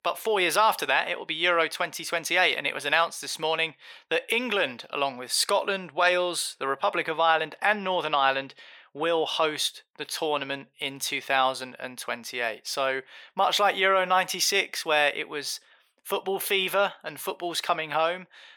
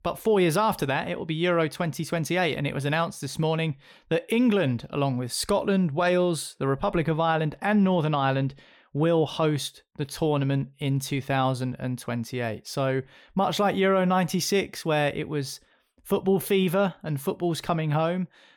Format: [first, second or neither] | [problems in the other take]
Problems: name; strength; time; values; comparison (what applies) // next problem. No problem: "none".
second | thin; very; fading below 600 Hz